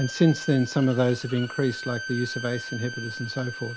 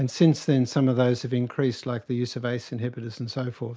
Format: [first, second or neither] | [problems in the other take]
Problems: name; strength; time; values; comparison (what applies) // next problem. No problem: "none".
second | background sound (Bowed string instrument); 12 dB below the speech